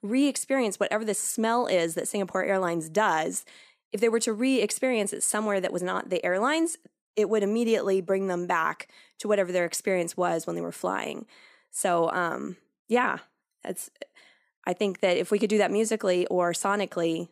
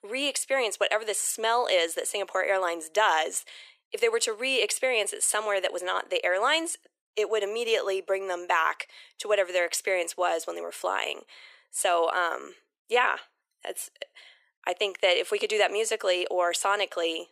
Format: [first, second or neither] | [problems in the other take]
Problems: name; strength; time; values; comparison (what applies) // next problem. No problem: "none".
first | thin; very; fading below 450 Hz